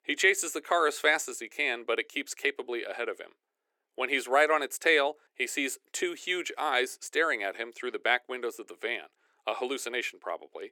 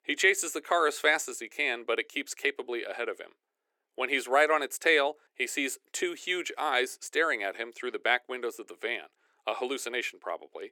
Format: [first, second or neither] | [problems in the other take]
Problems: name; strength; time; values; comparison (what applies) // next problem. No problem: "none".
neither | thin; somewhat; fading below 350 Hz; the same in both